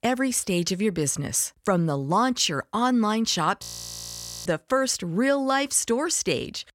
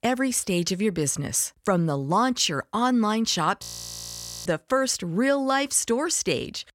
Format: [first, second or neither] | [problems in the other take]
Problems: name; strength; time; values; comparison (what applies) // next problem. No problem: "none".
neither | audio freezing; at 3.5 s for 1 s; the same in both